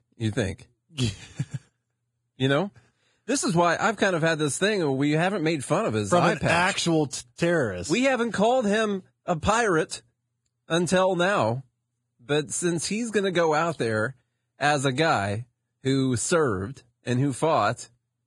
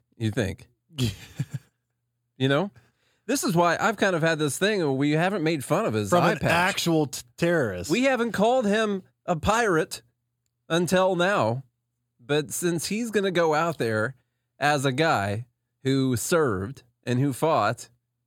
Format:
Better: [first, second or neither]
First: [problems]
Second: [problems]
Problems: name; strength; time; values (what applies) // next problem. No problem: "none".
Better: second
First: garbled, watery; badly; nothing above 10 kHz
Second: none